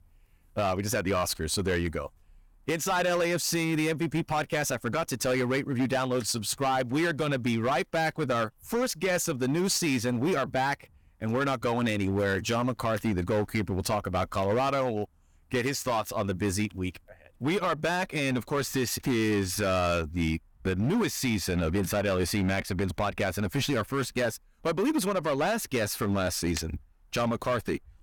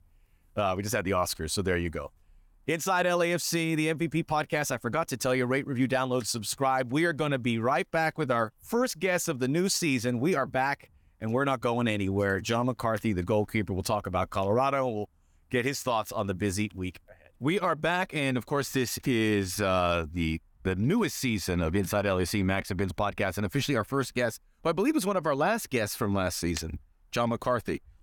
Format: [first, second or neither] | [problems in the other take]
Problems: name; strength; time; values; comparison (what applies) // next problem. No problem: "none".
second | distortion; slight; 11% of the sound clipped